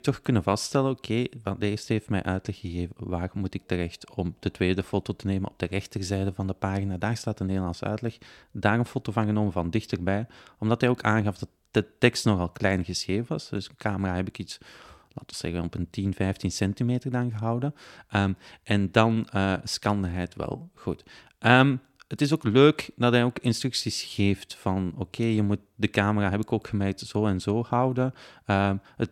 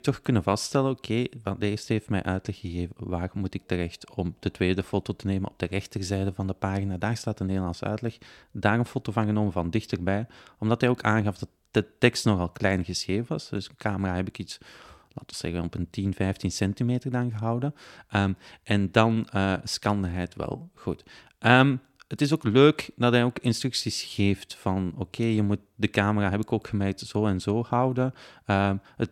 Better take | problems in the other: neither | none

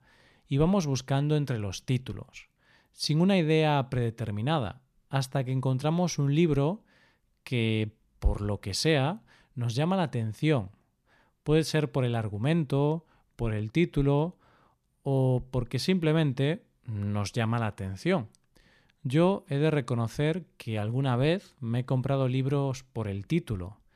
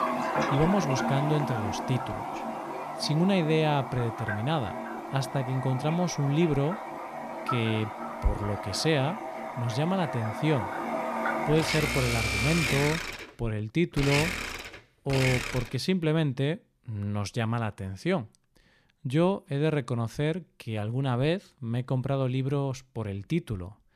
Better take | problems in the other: first | household noises; loud; until 16 s; 3 dB below the speech

